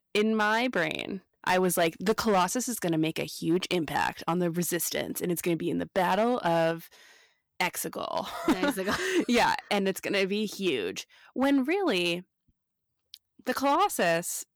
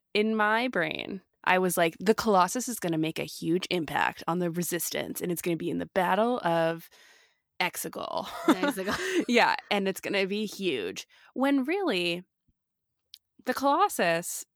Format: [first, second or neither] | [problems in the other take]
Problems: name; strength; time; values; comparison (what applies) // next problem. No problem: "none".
second | distortion; slight; 4% of the sound clipped